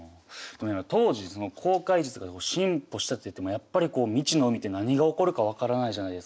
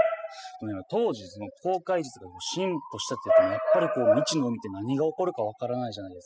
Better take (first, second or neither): first